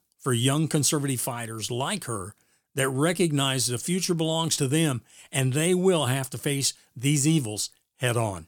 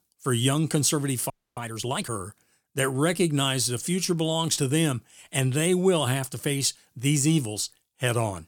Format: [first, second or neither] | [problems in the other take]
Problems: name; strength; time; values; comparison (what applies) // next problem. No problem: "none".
first | audio freezing; at 1.5 s